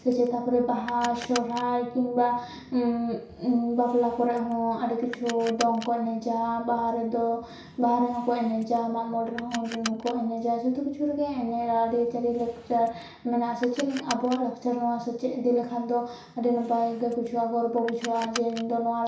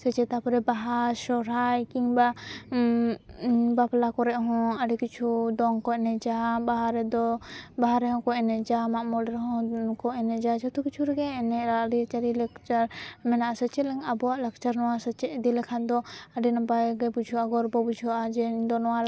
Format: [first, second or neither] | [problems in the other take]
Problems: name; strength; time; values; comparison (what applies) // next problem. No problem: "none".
second | background sound (Car); 18 dB below the speech // room echo; dies away in 0.6 s